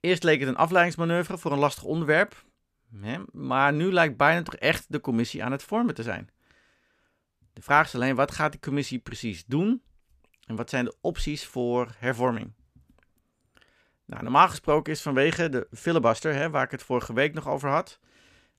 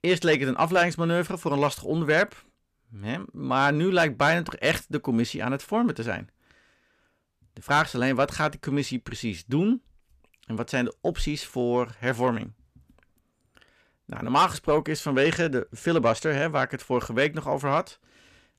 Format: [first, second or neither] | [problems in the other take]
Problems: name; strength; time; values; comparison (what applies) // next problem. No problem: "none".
first | distortion; slight; 10 dB below the speech